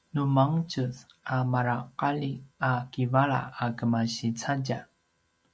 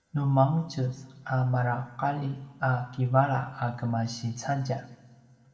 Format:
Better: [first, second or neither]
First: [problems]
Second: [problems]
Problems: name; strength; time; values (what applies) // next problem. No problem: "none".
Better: first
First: none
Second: room echo; dies away in 1.2 s